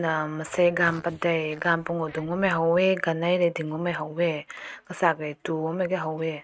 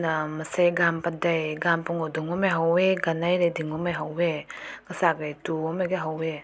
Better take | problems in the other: second | noise reduction (neural mask model RNNoise)

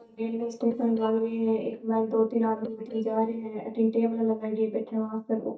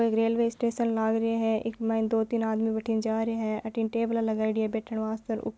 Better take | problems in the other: second | noise reduction (neural mask model DeepFilterNet 3)

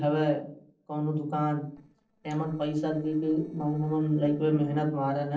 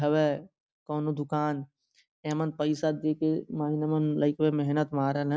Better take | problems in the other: second | noise reduction (neural separator model SepFormer DNS4)

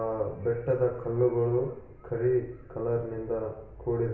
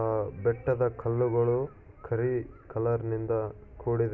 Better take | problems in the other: second | room echo; dies away in 0.8 s

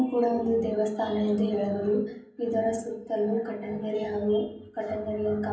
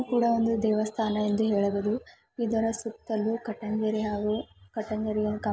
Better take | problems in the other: second | room echo; dies away in 0.6 s

